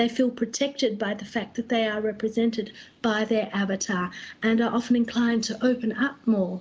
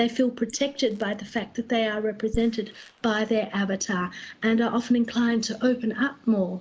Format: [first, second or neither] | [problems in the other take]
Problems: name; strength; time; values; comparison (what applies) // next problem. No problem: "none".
first | noise reduction (neural mask model Resemble Enhance denoiser)